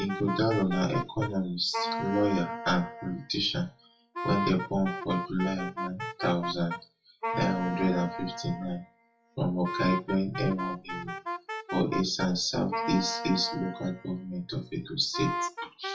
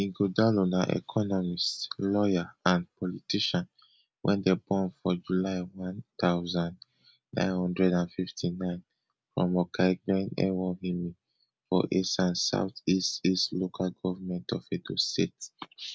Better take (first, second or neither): second